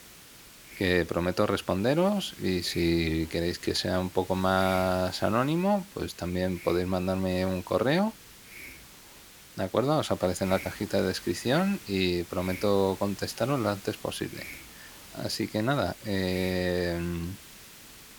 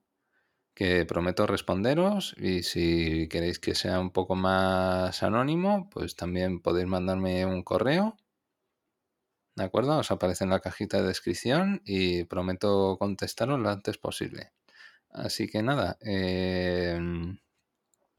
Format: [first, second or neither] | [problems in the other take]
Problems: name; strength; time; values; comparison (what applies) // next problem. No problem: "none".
second | hiss; noticeable; throughout; 15 dB below the speech